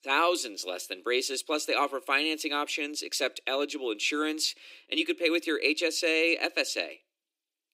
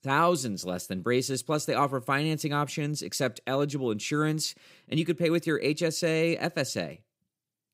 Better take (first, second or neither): second